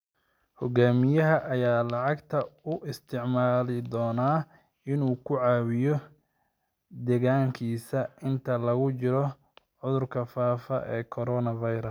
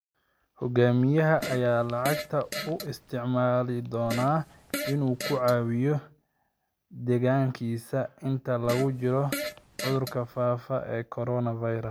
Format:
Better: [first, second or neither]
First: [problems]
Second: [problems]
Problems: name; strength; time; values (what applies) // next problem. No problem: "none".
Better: first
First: none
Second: background sound (Fart); 10 dB below the speech